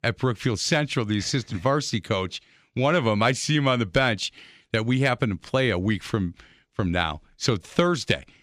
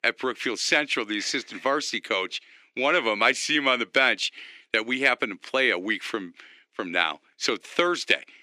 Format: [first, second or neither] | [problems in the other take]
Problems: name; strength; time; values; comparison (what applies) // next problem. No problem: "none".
first | thin; somewhat; fading below 300 Hz